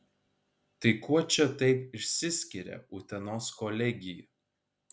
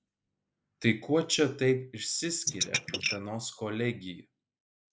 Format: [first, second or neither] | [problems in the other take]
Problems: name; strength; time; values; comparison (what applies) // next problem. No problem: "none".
first | noise reduction (neural mask model Resemble Enhance denoiser)